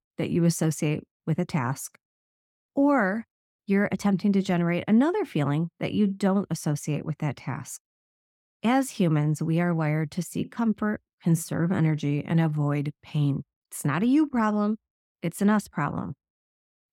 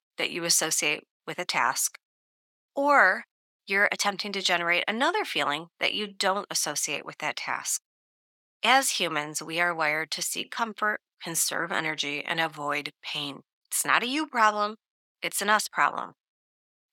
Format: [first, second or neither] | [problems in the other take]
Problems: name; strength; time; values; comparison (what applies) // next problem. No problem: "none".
first | thin; very; fading below 850 Hz